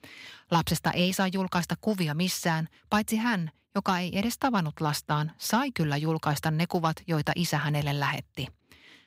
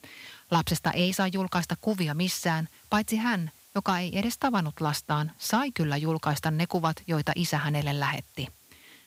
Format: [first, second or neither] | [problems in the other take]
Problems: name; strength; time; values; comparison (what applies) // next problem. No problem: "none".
first | hiss; faint; throughout; 25 dB below the speech